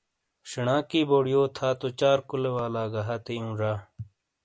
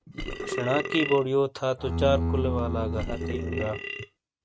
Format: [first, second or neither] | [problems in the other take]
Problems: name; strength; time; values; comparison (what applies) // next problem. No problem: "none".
first | noise reduction (neural mask model RNNoise)